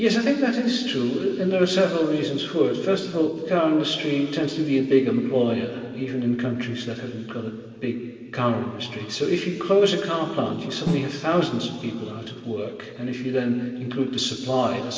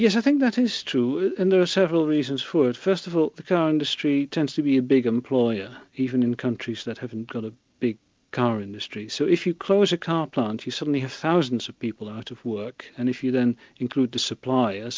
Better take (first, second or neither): second